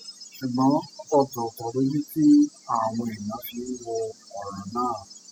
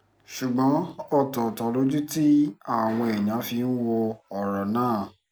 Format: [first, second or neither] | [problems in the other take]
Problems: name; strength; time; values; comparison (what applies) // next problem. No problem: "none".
second | noise reduction (classical method spectral subtraction)